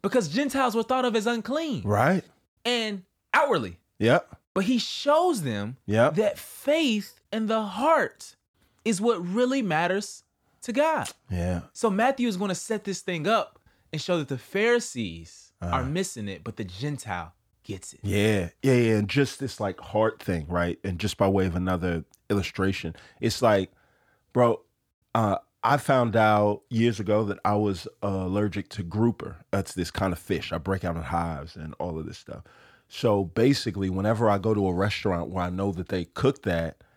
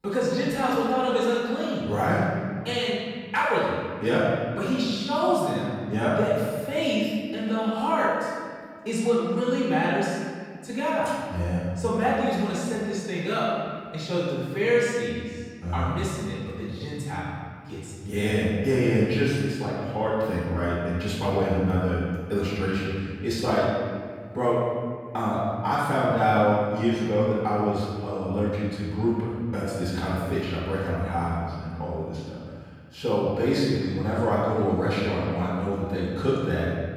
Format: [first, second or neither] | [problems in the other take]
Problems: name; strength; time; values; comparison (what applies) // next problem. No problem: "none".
first | room echo; strong; dies away in 1.8 s // off-mic speech; far